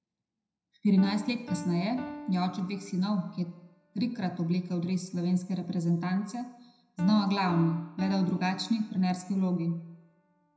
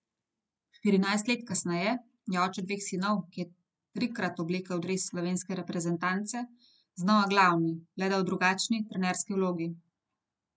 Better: second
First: background sound (Piano); 16 dB below the speech // room echo; dies away in 0.7 s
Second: none

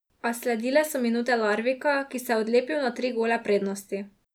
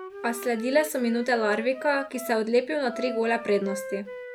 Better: first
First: none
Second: background sound (Wind instrument, woodwind instrument); 12 dB below the speech

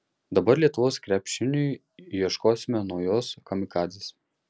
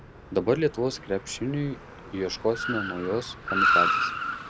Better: first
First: none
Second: background sound (Car); as loud as the speech

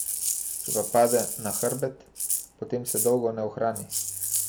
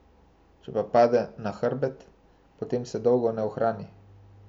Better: second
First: background sound (Rattle (instrument)); 3 dB below the speech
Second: none

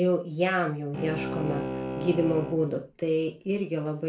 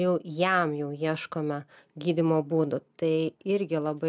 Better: second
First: background sound (Bowed string instrument); 7 dB below the speech // room echo; dies away in 0.3 s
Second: none

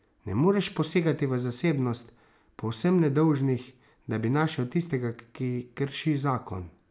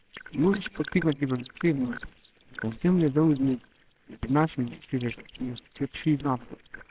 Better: first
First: none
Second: noise reduction (neural separator model SepFormer WHAMR!)

